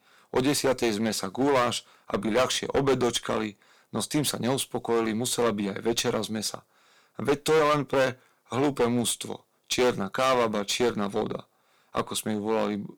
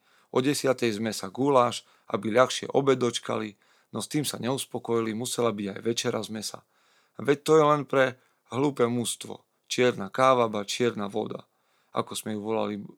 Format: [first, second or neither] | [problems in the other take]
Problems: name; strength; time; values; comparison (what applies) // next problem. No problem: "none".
second | distortion; heavy; 9% of the sound clipped